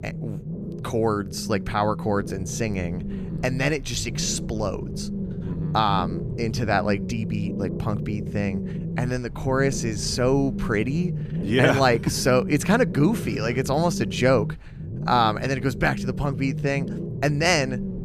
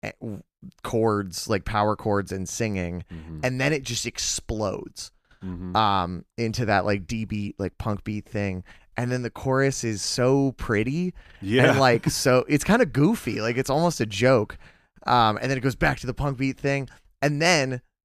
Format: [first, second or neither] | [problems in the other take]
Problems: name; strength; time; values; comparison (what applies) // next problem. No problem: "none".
second | low rumble; noticeable; throughout; 15 dB below the speech